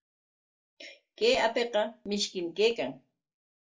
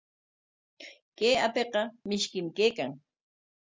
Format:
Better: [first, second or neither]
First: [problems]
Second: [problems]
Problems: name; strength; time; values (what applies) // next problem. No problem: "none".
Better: second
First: room echo; dies away in 0.2 s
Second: none